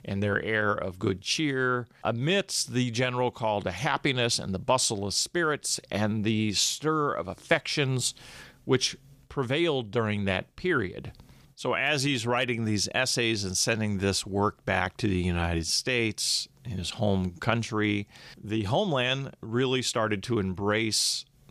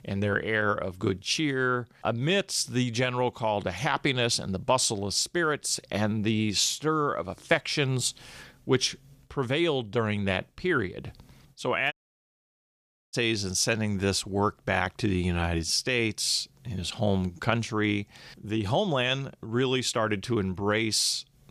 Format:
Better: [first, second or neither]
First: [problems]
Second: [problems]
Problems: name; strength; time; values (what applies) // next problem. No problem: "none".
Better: first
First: none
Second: audio cutting out; at 12 s for 1 s